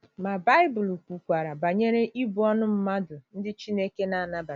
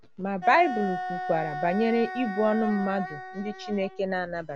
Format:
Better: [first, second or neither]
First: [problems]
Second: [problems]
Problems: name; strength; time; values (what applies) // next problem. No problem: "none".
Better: first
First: none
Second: background sound (Wind instrument, woodwind instrument); 8 dB below the speech